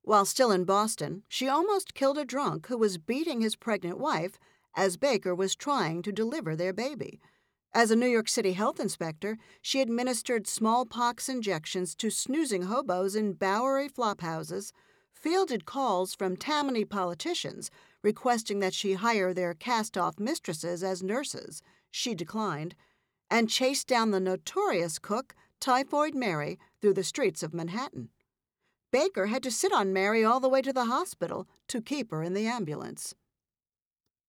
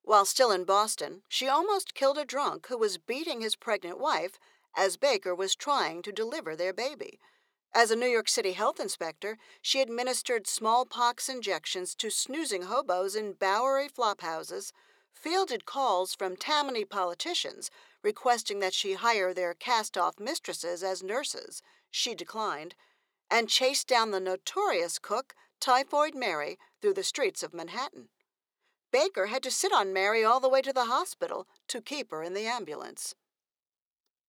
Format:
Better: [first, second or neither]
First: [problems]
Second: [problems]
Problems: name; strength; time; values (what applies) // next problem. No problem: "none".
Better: first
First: none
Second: thin; somewhat; fading below 500 Hz